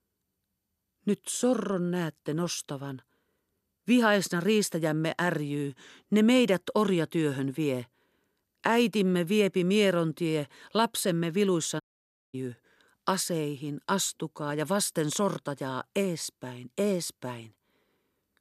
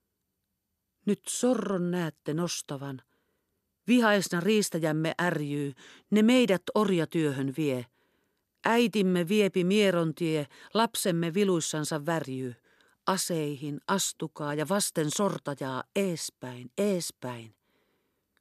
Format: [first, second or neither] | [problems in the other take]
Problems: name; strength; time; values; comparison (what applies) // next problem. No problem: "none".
second | audio cutting out; at 12 s for 0.5 s